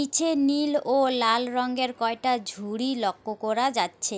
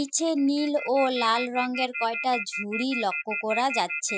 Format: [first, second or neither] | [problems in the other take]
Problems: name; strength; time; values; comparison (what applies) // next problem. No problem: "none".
first | noise reduction (classical method Wiener filter)